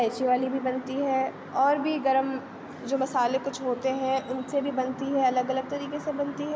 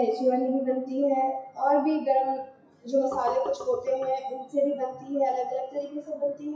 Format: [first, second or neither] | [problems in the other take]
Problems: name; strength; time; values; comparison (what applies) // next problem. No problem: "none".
first | noise reduction (classical method WPE with log-MMSE)